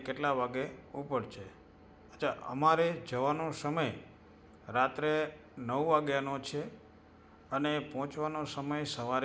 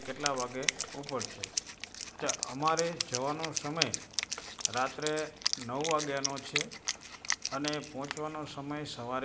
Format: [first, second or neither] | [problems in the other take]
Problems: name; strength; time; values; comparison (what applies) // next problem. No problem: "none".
first | background sound (Wind instrument, woodwind instrument); 2 dB below the speech